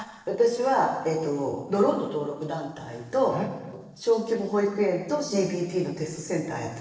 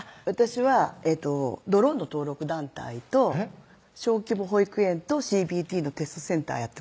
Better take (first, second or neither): second